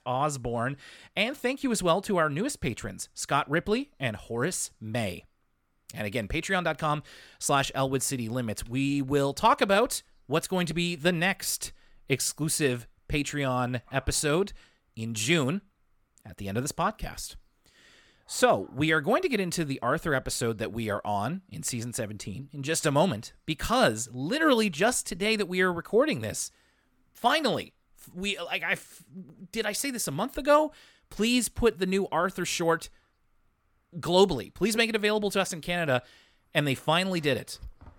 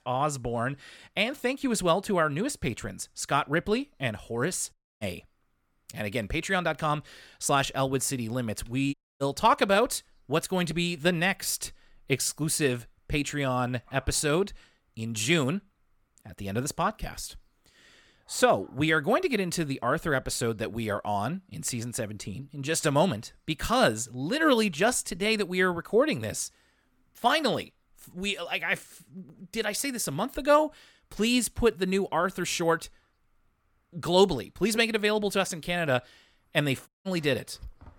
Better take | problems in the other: first | audio cutting out; at 4.5 s, at 9 s and at 37 s

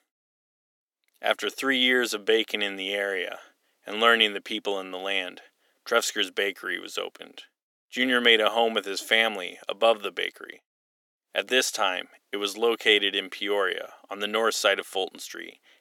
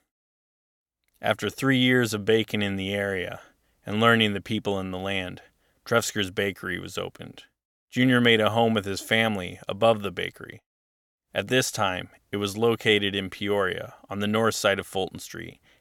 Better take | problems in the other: second | thin; somewhat; fading below 300 Hz

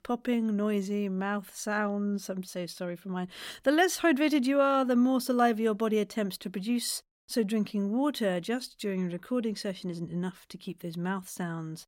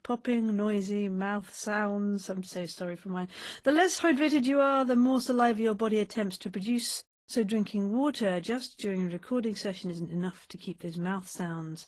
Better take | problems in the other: first | garbled, watery; slightly; nothing above 16.5 kHz

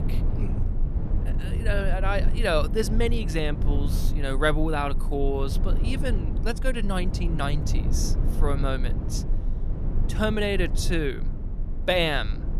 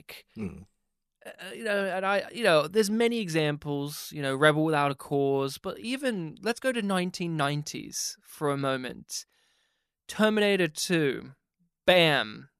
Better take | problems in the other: second | low rumble; noticeable; throughout; 15 dB below the speech

